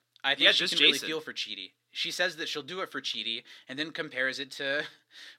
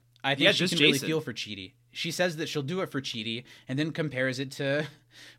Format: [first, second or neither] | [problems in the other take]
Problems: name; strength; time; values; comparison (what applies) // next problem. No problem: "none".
second | thin; somewhat; fading below 300 Hz